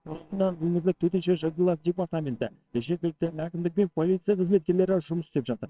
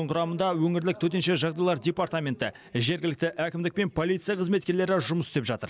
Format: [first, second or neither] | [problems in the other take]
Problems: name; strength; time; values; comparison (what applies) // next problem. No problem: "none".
second | noise reduction (neural separator model SepFormer WHAMR!)